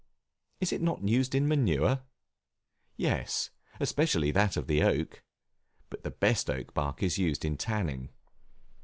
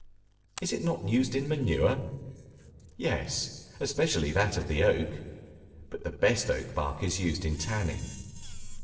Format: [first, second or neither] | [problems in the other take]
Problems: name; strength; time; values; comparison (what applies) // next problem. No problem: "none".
first | noise reduction (neural separator model SepFormer DNS4)